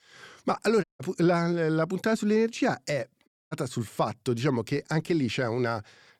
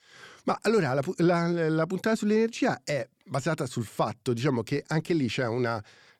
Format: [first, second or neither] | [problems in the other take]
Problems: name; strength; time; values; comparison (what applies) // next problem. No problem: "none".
second | audio cutting out; at 1 s and at 3.5 s